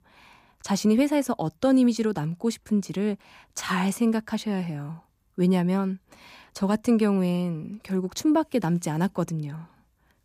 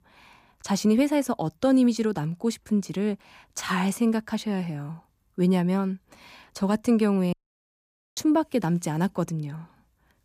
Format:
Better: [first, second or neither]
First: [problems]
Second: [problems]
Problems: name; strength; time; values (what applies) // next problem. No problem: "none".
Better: first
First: none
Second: audio cutting out; at 7.5 s for 1 s